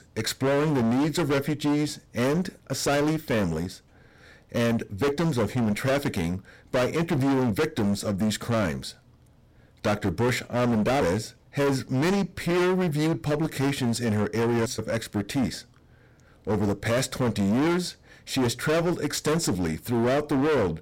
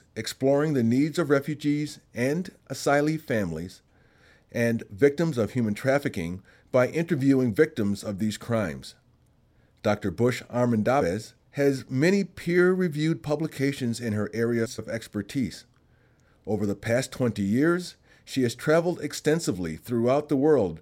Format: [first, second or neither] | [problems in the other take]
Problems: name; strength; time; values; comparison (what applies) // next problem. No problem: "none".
second | distortion; heavy; 23% of the sound clipped